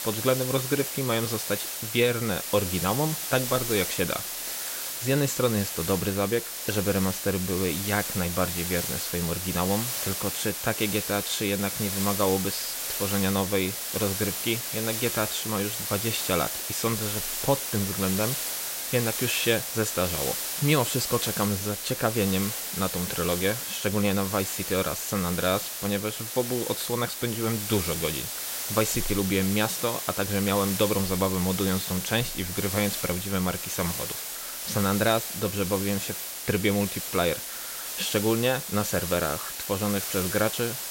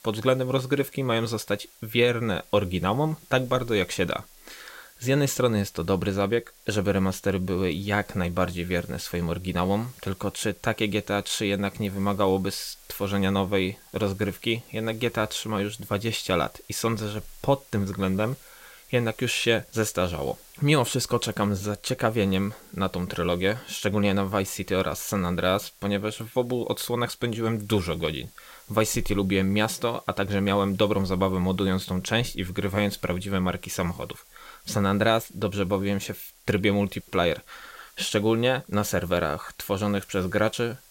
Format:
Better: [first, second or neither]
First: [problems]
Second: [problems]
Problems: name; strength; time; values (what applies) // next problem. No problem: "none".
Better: second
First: hiss; loud; throughout; 2 dB below the speech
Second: hiss; faint; throughout; 25 dB below the speech